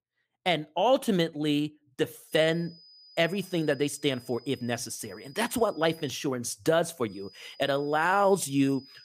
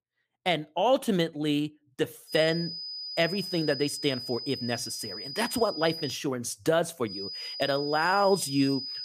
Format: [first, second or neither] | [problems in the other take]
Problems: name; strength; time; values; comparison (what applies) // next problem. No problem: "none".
first | high-pitched whine; loud; from 2.5 to 6 s and from 7 s on; 5 kHz, 7 dB below the speech; faint in the first